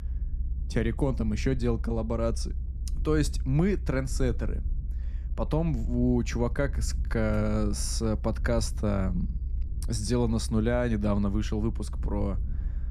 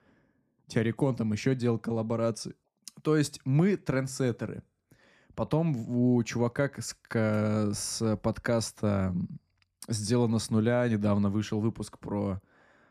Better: second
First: low rumble; faint; throughout; 20 dB below the speech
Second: none

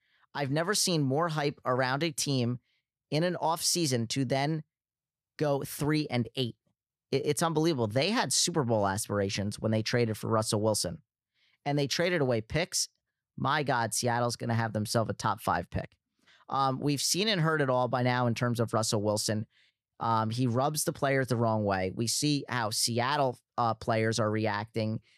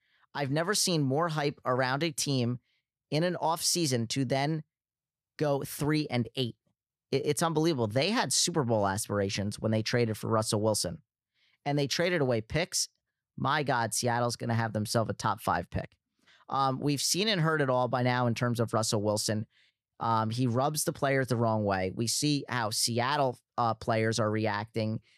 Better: neither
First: none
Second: none

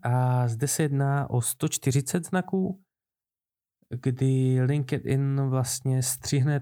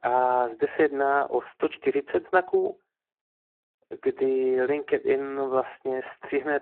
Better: first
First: none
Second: phone-call audio; poor line

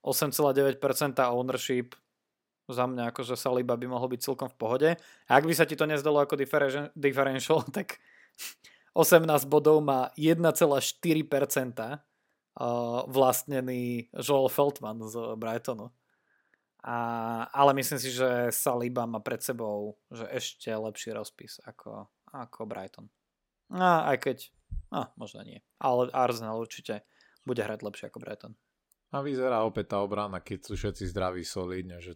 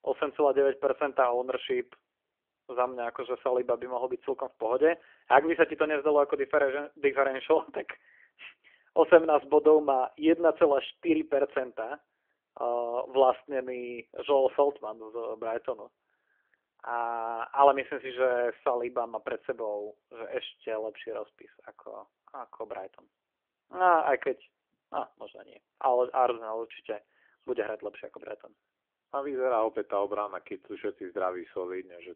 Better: first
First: none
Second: phone-call audio; nothing above 3.5 kHz

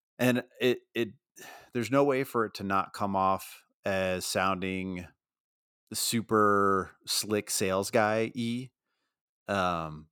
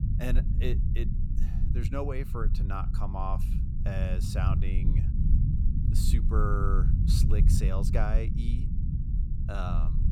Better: first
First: none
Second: low rumble; loud; throughout; 6 dB below the speech

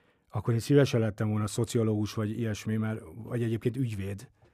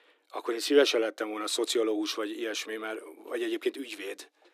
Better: first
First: none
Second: thin; very; fading below 300 Hz

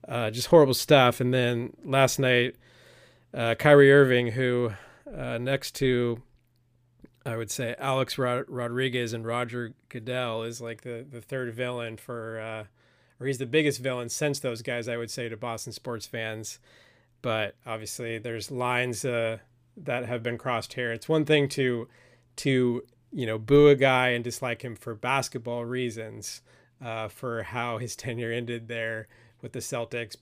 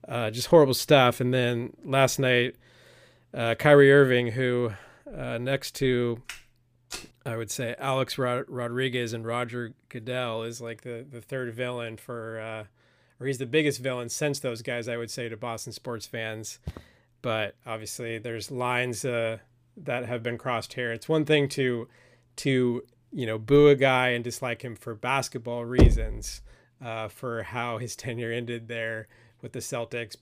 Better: first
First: none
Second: footsteps; faint; at 6.5 s and at 17 s; peak 15 dB below the speech // door banging; loud; at 26 s; peak 5 dB above the speech

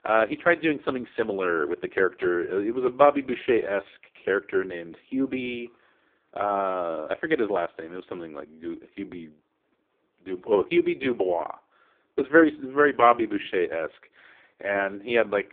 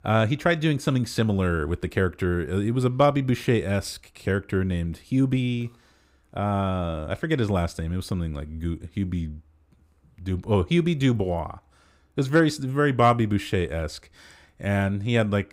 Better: second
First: phone-call audio; poor line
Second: none

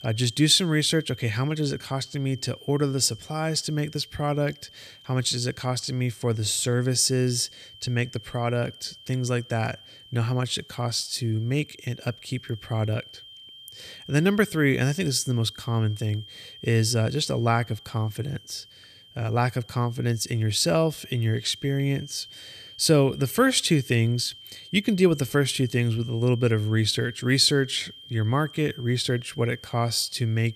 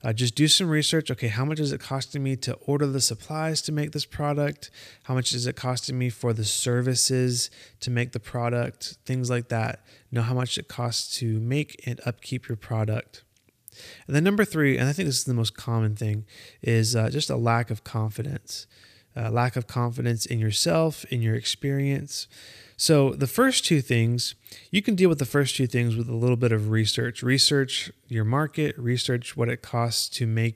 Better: second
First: high-pitched whine; noticeable; throughout; 3 kHz, 20 dB below the speech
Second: none

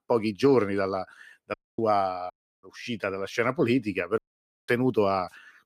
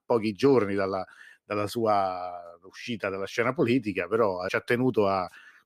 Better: second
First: audio cutting out; at 1.5 s, at 2.5 s and at 4 s for 0.5 s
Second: none

